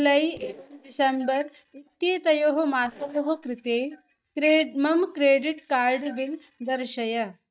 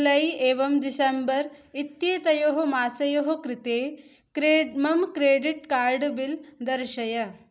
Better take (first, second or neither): second